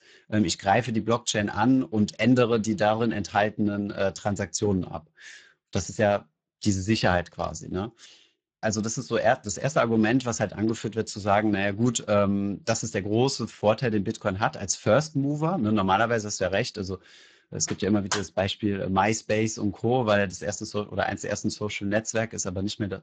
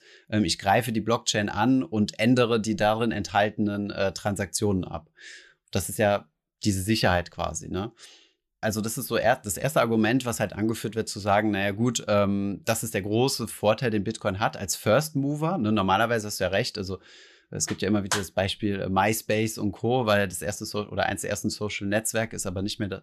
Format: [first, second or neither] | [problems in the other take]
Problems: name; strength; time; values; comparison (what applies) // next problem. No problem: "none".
second | garbled, watery; badly; nothing above 7.5 kHz